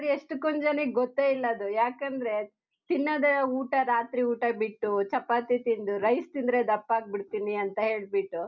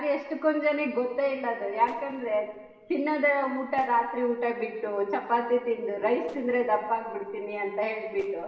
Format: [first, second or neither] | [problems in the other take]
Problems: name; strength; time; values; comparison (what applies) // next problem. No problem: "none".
first | noise reduction (neural separator model SepFormer DNS4)